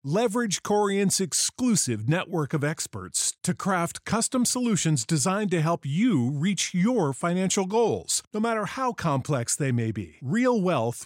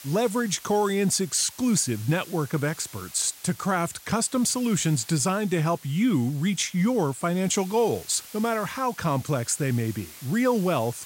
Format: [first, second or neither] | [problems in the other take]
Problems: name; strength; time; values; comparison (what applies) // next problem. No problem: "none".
first | hiss; noticeable; throughout; 20 dB below the speech